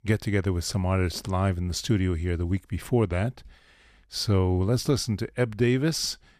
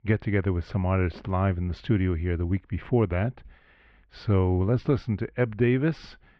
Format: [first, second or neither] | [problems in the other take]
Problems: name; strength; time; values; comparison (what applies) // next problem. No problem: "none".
first | muffled; very; fading above 3 kHz